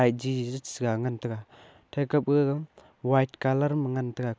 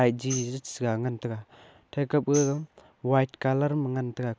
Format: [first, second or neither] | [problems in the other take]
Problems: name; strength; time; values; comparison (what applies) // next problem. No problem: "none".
first | background sound (Tambourine); 15 dB below the speech